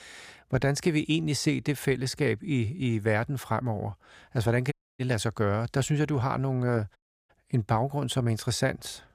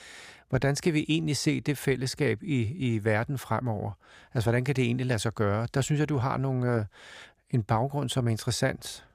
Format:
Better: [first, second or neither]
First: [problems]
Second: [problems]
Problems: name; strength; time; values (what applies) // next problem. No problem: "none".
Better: second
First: audio cutting out; at 4.5 s and at 7 s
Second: none